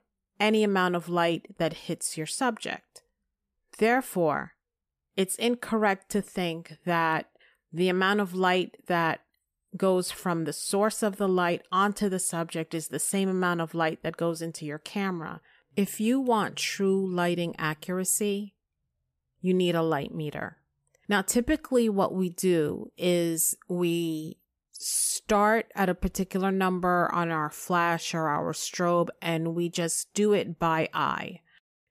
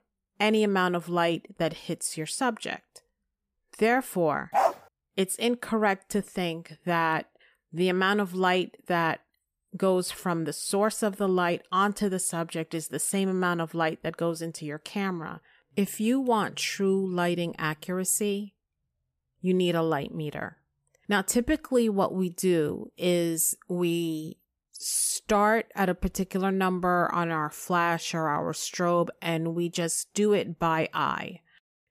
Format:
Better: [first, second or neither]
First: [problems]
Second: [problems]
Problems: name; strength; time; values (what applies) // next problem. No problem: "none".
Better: first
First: none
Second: dog barking; loud; at 4.5 s; peak 2 dB above the speech